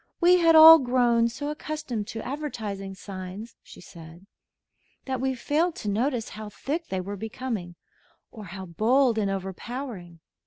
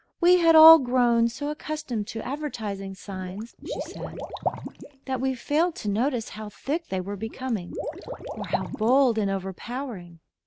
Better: first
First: none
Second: background sound (Liquid); 11 dB below the speech

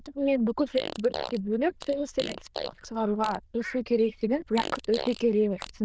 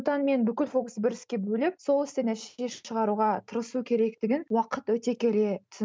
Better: second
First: noise reduction (neural diffusion model UNIVERSE++)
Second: none

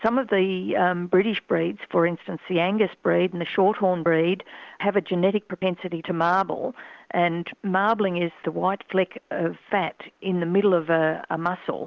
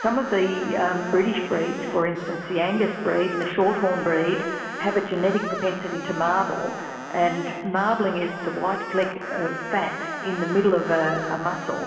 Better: first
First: none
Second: background sound (Screech); 10 dB below the speech // room echo; dies away in 2.3 s

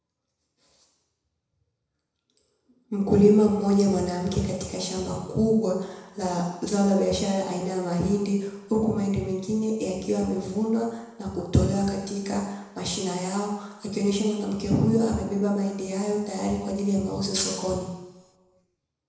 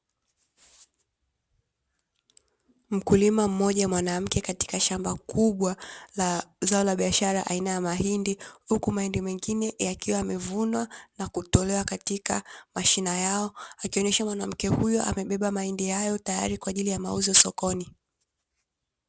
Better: second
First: room echo; dies away in 1 s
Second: none

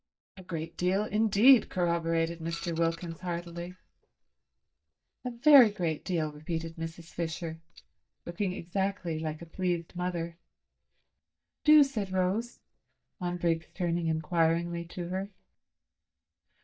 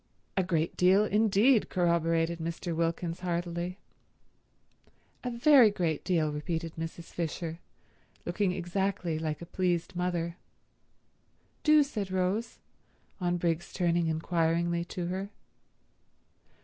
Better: second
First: noise reduction (neural mask model DeepFilterNet 3)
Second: none

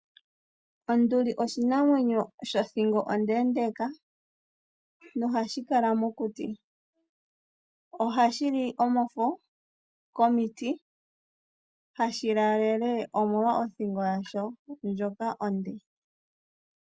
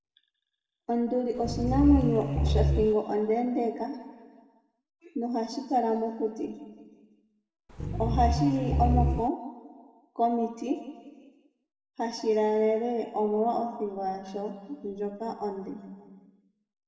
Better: first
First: none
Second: background sound (Growling); 3 dB above the speech // room echo; dies away in 1.5 s

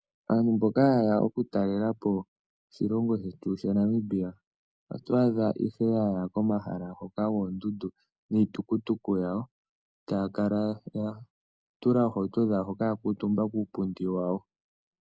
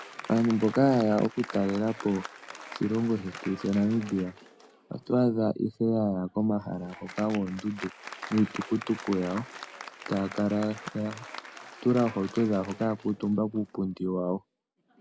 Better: first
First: none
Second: background sound (Applause); 16 dB below the speech

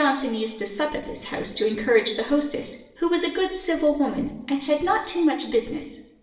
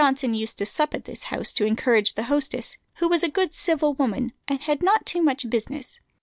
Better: second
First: room echo; dies away in 0.8 s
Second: none

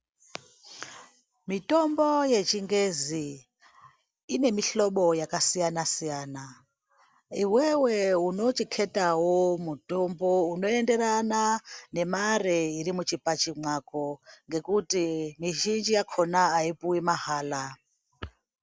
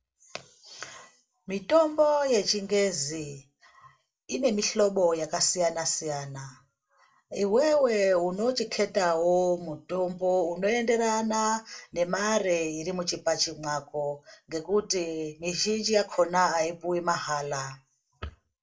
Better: first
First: none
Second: room echo; dies away in 0.2 s

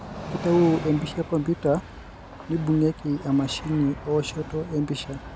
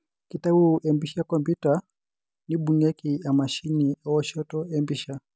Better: second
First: background sound (Train); 12 dB below the speech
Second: none

